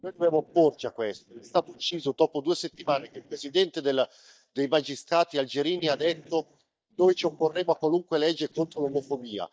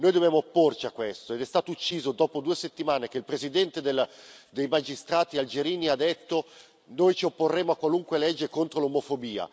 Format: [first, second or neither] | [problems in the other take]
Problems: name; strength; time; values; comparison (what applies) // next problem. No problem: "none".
second | noise reduction (neural mask model DeepFilterNet 3)